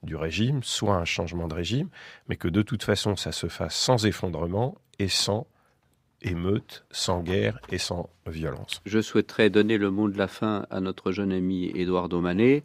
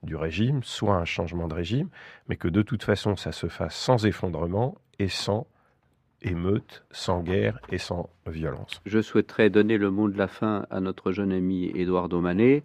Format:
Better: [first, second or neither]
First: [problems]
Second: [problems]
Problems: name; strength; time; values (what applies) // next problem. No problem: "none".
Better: first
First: none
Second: muffled; slightly; fading above 3.5 kHz